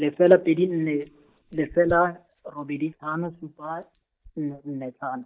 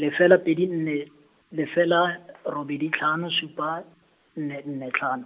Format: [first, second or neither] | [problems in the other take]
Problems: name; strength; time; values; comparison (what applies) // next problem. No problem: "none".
second | noise reduction (neural mask model DeepFilterNet 3)